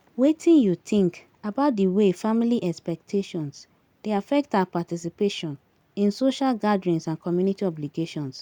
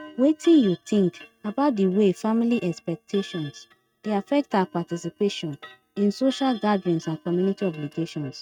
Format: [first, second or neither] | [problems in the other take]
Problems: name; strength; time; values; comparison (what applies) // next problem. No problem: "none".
first | noise reduction (neural mask model RNNoise)